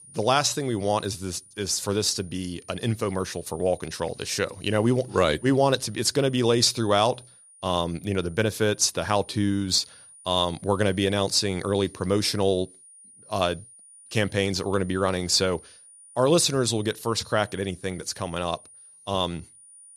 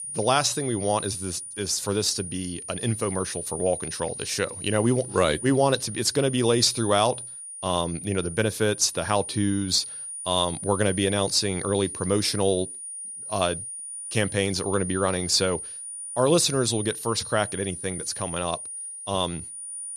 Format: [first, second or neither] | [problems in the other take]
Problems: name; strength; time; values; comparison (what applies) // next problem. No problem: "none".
first | high-pitched whine; loud; throughout; 9.5 kHz, 8 dB below the speech; faint in the first